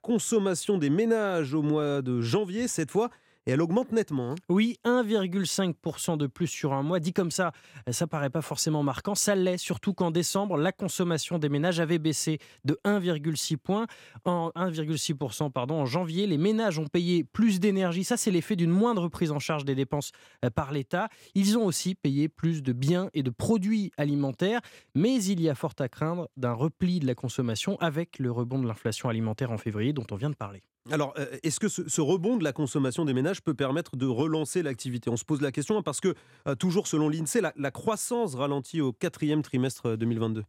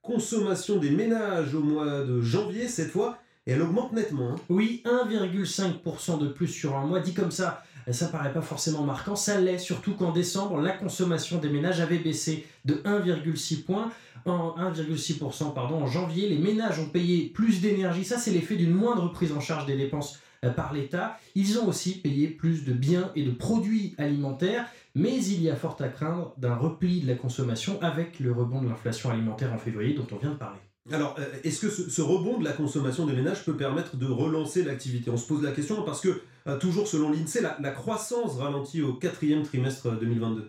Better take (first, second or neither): first